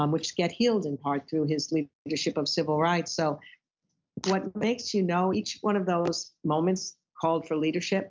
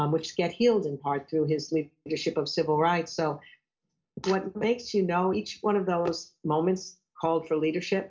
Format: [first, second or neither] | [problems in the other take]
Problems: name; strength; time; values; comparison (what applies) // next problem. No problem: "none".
first | room echo; dies away in 0.2 s